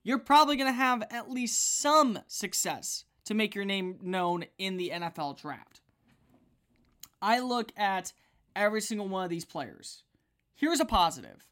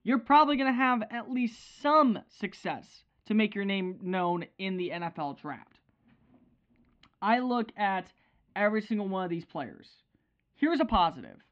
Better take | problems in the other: first | muffled; very slightly; fading above 3 kHz

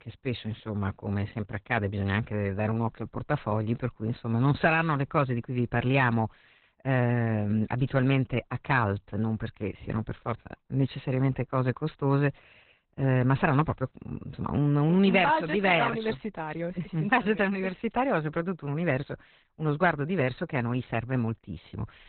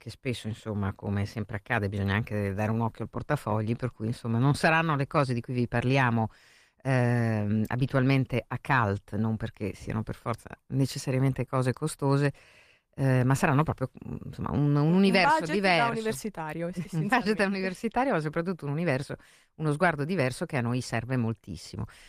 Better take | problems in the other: second | garbled, watery; badly; nothing above 4 kHz; slightly in the second

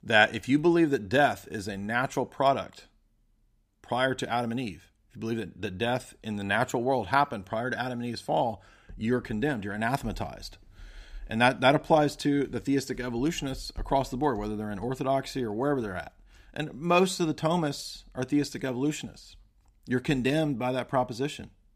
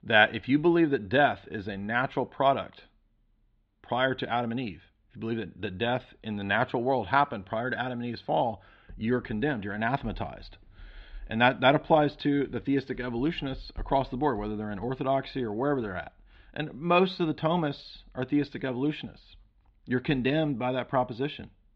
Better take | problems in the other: first | muffled; slightly; fading above 4 kHz

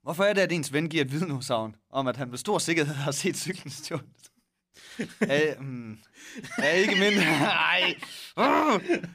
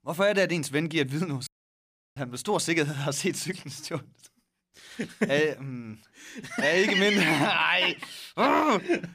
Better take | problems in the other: first | audio cutting out; at 1.5 s for 0.5 s

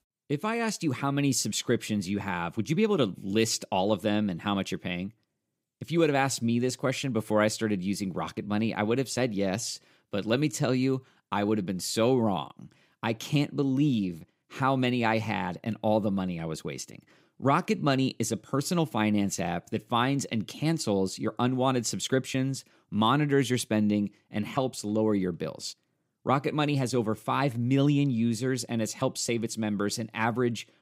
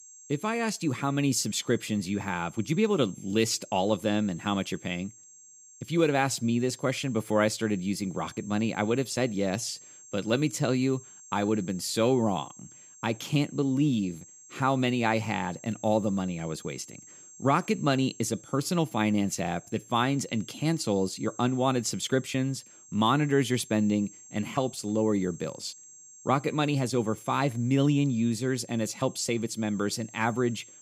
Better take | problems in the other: first | high-pitched whine; faint; throughout; 7.5 kHz, 20 dB below the speech

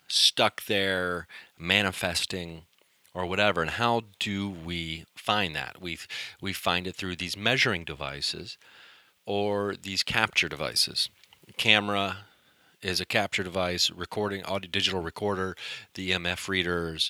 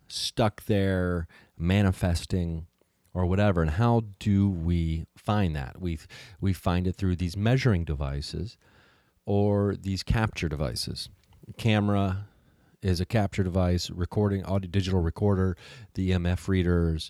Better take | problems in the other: second | thin; somewhat; fading below 1 kHz

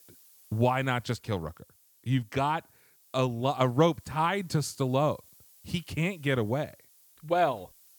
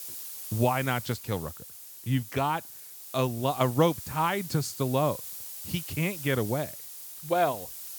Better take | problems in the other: first | hiss; loud; throughout; 10 dB below the speech; faint in the first

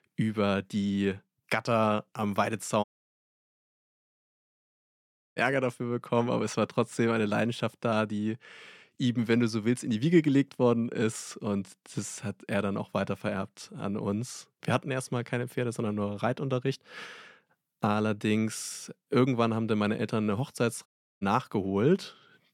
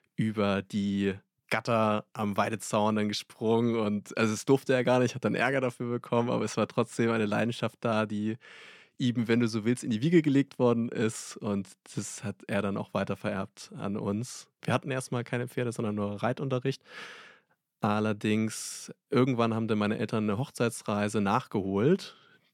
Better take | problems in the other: second | audio cutting out; at 3 s for 2.5 s and at 21 s

